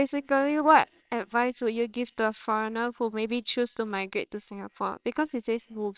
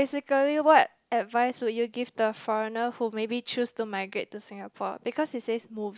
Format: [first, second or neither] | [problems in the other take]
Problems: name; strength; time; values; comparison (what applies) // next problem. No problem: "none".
second | noise reduction (neural separator model SepFormer WHAMR!)